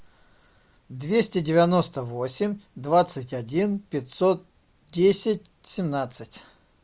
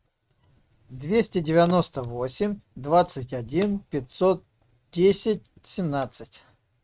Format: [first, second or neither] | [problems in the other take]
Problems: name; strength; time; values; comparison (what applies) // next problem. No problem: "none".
first | noise reduction (neural mask model RNNoise)